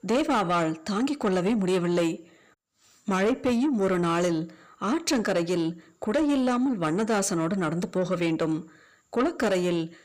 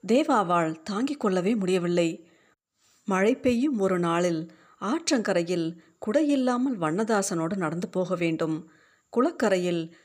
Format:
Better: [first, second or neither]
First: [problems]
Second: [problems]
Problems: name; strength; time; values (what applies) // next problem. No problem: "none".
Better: second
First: distortion; slight; 10 dB below the speech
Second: none